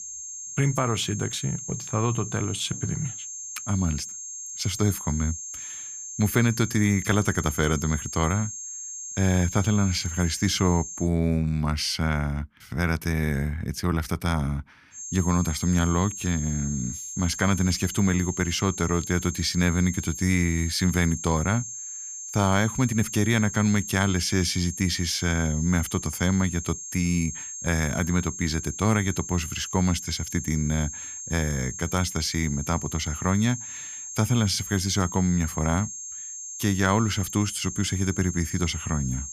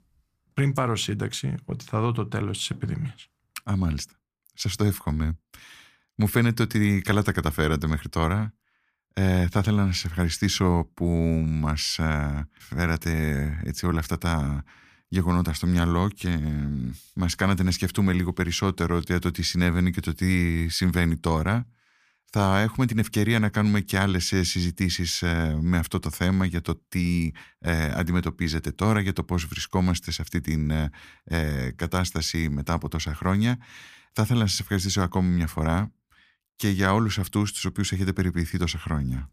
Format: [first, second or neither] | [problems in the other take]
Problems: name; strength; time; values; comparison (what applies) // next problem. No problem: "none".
second | high-pitched whine; loud; until 11 s and from 15 s on; 6.5 kHz, 8 dB below the speech